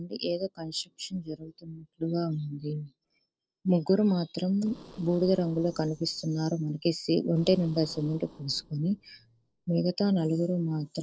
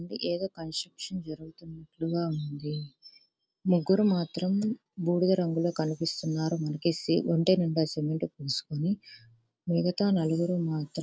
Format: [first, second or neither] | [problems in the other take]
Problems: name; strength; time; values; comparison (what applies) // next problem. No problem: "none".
second | noise reduction (neural separator model SepFormer DNS4)